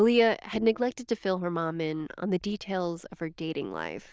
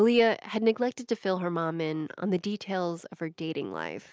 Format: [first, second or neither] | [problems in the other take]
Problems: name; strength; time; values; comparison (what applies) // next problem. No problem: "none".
second | noise reduction (neural diffusion model UNIVERSE++)